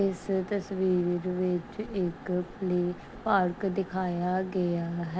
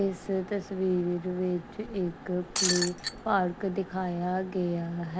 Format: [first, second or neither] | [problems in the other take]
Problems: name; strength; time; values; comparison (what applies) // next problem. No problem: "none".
first | background sound (Shatter); as loud as the speech